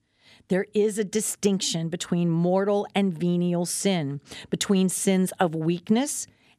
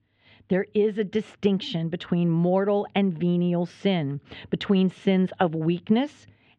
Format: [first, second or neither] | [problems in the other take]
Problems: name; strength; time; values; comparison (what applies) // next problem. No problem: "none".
first | muffled; very; fading above 3 kHz